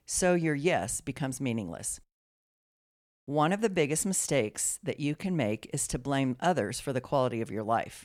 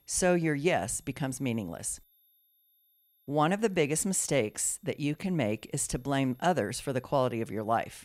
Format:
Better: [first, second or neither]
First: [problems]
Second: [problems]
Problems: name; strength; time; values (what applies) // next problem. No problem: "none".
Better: first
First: none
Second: high-pitched whine; faint; throughout; 11.5 kHz, 35 dB below the speech